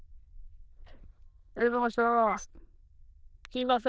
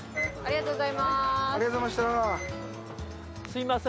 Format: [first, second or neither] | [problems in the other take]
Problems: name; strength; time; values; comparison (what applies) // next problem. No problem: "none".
second | noise reduction (neural diffusion model UNIVERSE++)